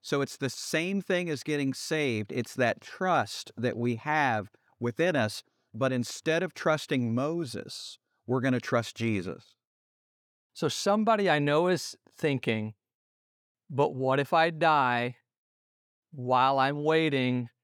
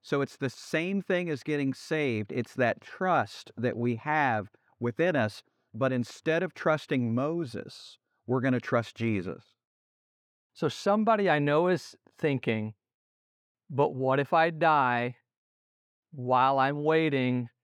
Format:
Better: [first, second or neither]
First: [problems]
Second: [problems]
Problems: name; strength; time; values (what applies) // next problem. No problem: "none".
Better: first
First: none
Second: muffled; slightly; fading above 3.5 kHz